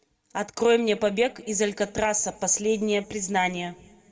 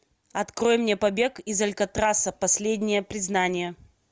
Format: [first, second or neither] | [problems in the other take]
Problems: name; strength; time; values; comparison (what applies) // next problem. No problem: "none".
second | room echo; dies away in 2.2 s